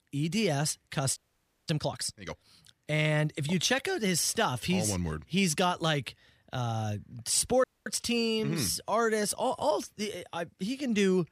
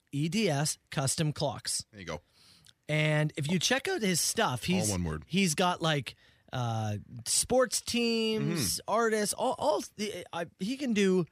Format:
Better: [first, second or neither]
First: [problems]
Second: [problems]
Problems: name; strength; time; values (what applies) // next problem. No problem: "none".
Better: second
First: audio freezing; at 1 s for 0.5 s and at 7.5 s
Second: none